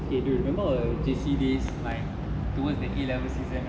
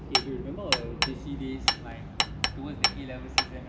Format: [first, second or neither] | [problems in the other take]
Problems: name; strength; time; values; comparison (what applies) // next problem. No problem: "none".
first | background sound (Hammer); 5 dB above the speech